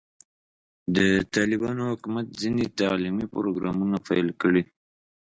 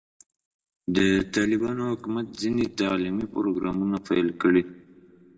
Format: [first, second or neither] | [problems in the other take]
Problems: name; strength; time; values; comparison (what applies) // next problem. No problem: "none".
first | room echo; dies away in 1.3 s